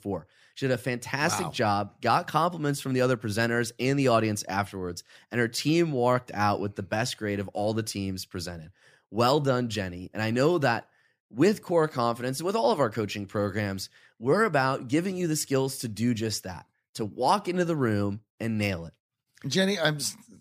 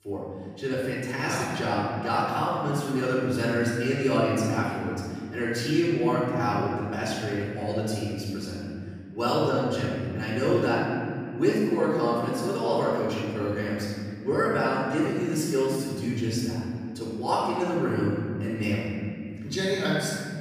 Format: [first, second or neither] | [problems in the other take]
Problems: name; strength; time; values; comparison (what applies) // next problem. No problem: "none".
first | off-mic speech; far // room echo; strong; dies away in 2.5 s